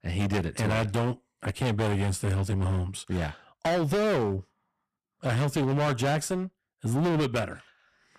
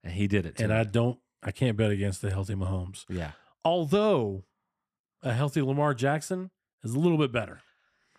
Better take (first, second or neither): second